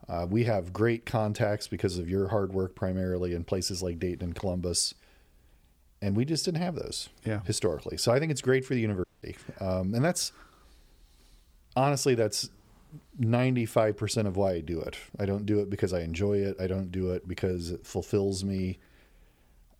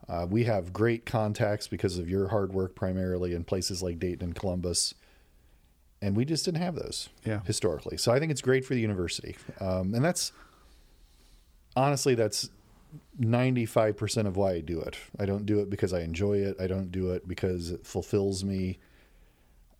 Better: second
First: audio cutting out; at 9 s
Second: none

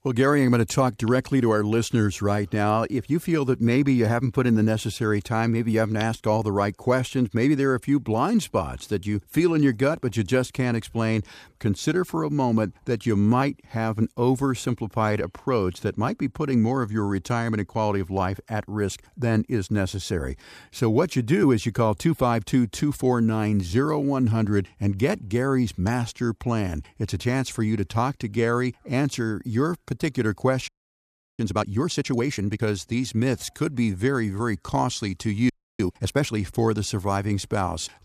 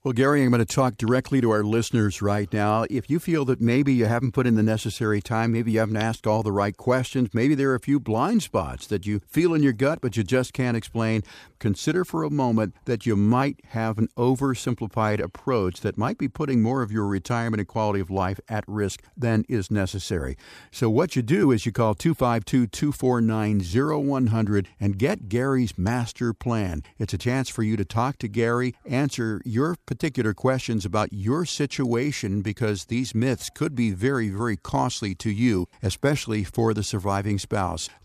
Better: second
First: audio freezing; at 31 s for 0.5 s and at 36 s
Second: none

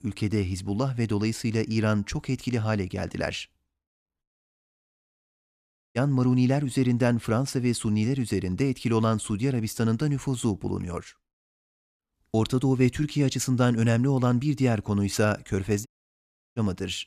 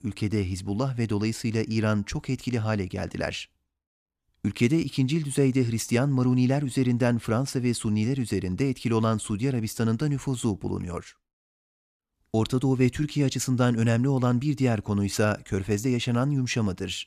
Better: second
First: audio cutting out; at 4 s for 1.5 s and at 16 s for 0.5 s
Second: none

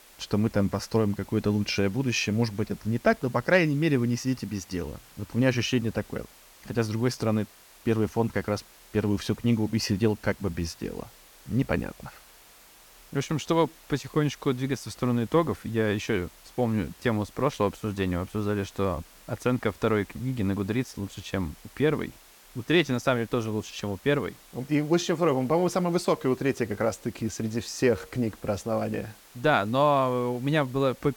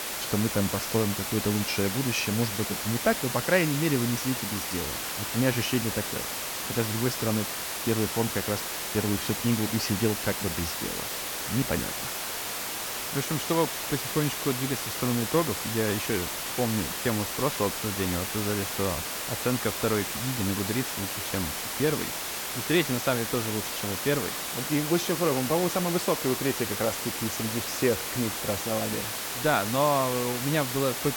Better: first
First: hiss; faint; throughout; 25 dB below the speech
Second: hiss; loud; throughout; 1 dB below the speech

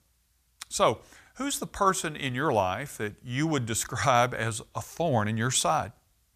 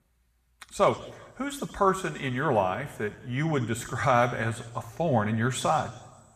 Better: first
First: none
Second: room echo; slight; dies away in 1.1 s

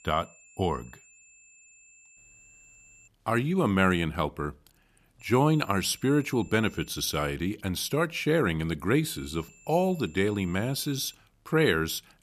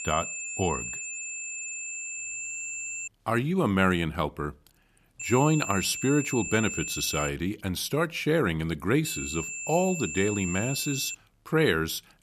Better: first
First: high-pitched whine; faint; until 3 s, from 5 to 7.5 s and from 9 to 11 s; 2.5 kHz, 25 dB below the speech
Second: high-pitched whine; loud; until 3 s, from 5 to 7.5 s and from 9 to 11 s; 2.5 kHz, 6 dB below the speech

